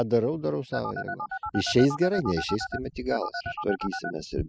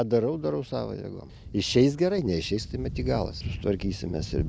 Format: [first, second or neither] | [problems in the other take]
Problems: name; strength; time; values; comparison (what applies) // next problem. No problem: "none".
second | noise reduction (classical method spectral subtraction)